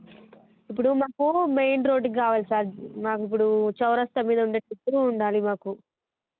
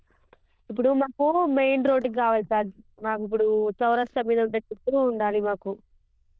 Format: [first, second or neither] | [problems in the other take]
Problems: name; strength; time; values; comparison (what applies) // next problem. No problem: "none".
first | noise reduction (neural diffusion model UNIVERSE++)